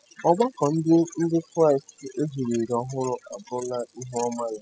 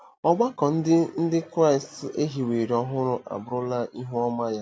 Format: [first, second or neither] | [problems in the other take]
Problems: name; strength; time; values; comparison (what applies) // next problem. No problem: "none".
second | noise reduction (classical method spectral subtraction)